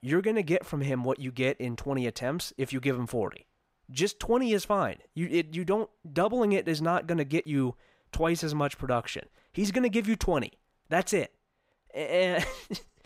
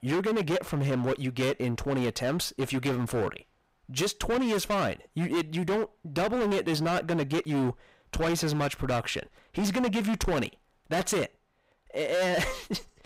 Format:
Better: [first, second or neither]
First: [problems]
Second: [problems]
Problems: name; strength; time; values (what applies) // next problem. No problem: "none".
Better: first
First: none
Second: distortion; heavy; 21% of the sound clipped